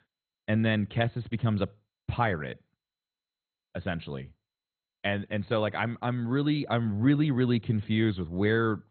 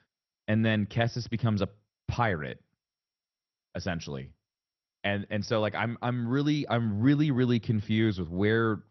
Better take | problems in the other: second | garbled, watery; badly; nothing above 4 kHz; slightly in the second

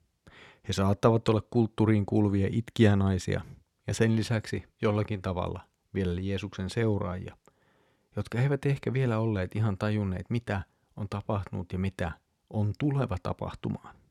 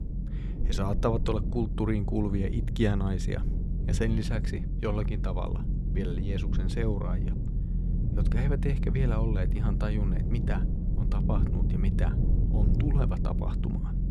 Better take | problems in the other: first | low rumble; loud; throughout; 6 dB below the speech

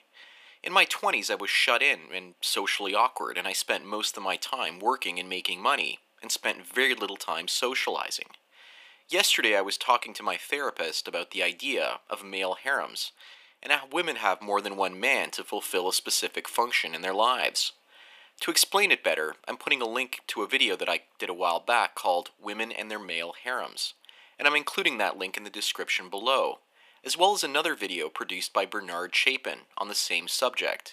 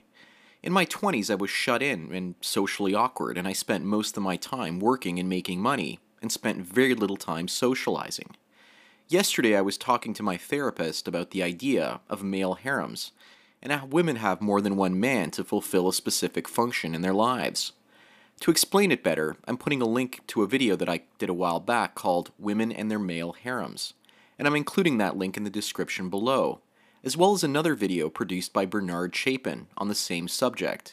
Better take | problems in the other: second | thin; very; fading below 650 Hz

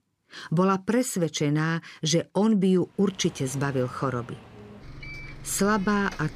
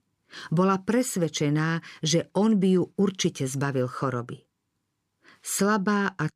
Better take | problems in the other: second | traffic noise; noticeable; from 3 s on; 20 dB below the speech

